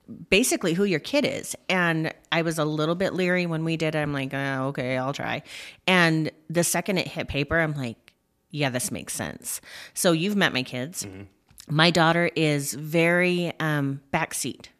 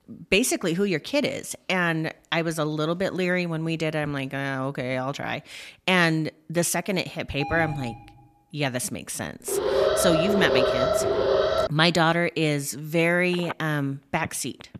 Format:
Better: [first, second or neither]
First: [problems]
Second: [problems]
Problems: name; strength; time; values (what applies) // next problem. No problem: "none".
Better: first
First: none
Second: alarm; noticeable; at 7.5 s; peak 7 dB below the speech // alarm; loud; from 9.5 to 12 s; peak 3 dB above the speech // phone ringing; faint; from 13 s on; peak 10 dB below the speech